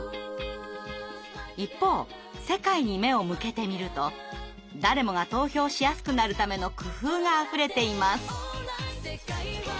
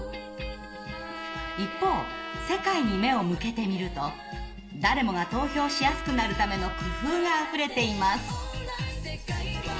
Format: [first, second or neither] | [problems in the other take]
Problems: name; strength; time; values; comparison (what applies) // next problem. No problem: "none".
first | background sound (Trumpet); 11 dB below the speech // room echo; dies away in 1.2 s